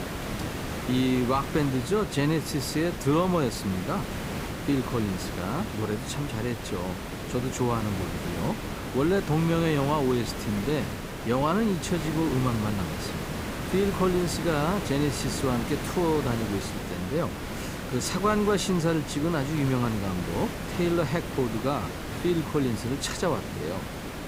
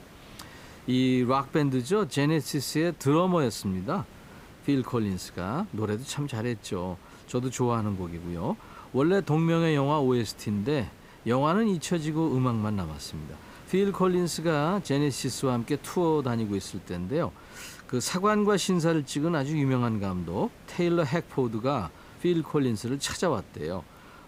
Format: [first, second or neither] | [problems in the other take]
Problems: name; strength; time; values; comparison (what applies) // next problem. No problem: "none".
second | hiss; loud; throughout; 6 dB below the speech; faint in the second